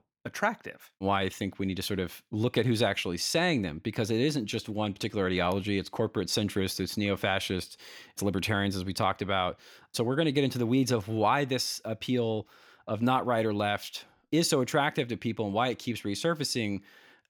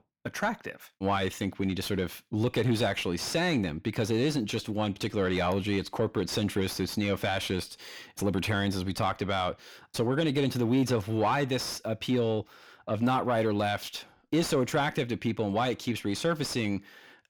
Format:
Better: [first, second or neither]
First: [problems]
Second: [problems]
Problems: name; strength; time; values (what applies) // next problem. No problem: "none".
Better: first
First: none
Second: distortion; slight; 10 dB below the speech